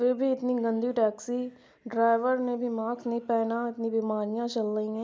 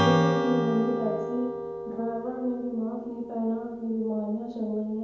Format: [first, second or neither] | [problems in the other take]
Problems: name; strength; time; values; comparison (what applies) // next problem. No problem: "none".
first | background sound (Strum); as loud as the speech // room echo; dies away in 1 s